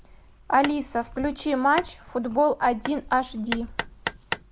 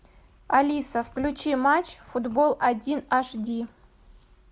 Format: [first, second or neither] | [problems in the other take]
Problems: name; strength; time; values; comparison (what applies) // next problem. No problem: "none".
second | background sound (Hammer); 11 dB below the speech